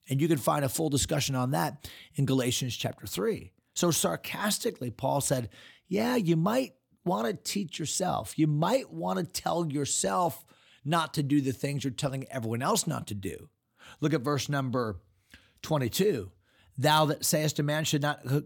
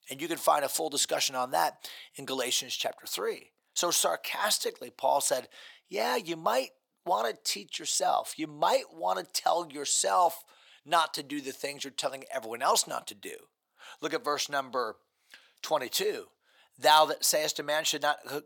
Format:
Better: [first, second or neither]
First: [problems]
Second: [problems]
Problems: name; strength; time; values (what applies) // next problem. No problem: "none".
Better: first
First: none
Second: thin; very; fading below 650 Hz